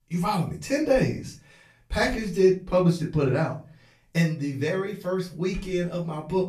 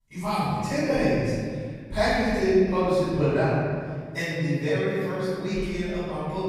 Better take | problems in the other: first | room echo; strong; dies away in 1.9 s; slight in the first // off-mic speech; far; far in the first

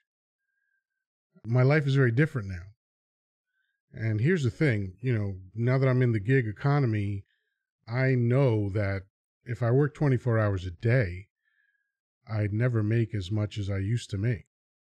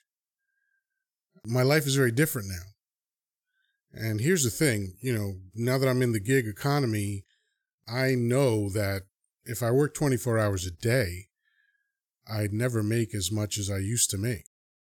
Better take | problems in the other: second | muffled; very; fading above 2.5 kHz

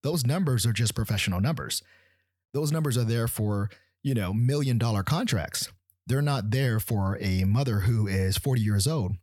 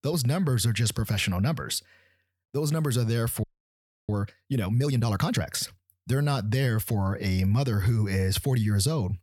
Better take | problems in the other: first | audio freezing; at 3.5 s for 0.5 s

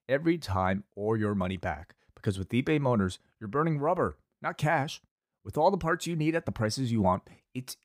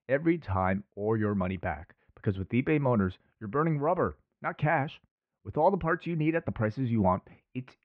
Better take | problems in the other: first | muffled; very; fading above 2.5 kHz

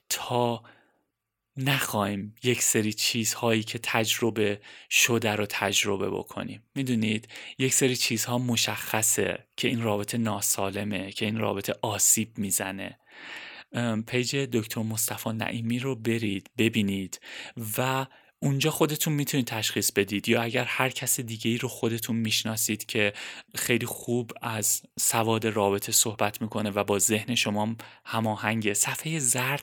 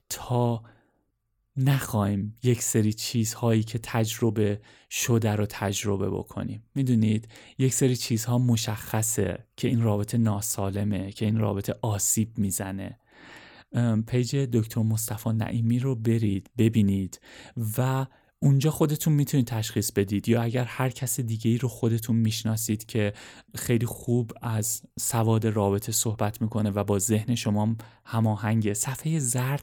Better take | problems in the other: second | thin; somewhat; fading below 450 Hz

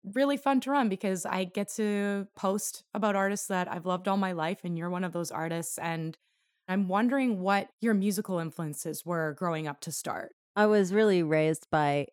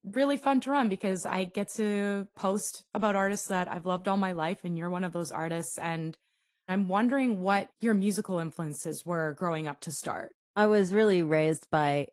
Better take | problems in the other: first | garbled, watery; slightly; nothing above 15.5 kHz

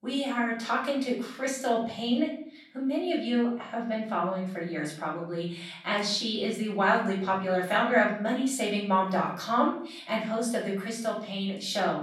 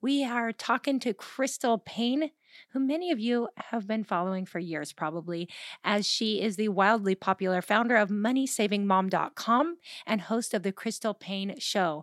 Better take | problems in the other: second | room echo; noticeable; dies away in 0.6 s // off-mic speech; far

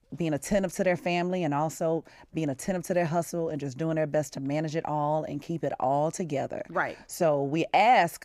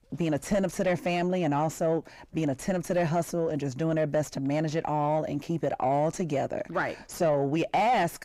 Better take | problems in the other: first | distortion; slight; 10 dB below the speech

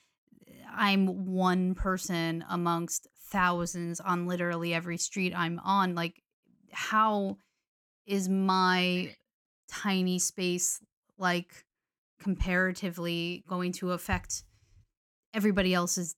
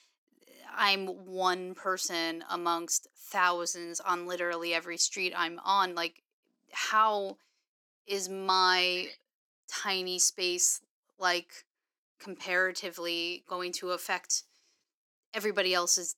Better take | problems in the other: first | thin; very; fading below 350 Hz

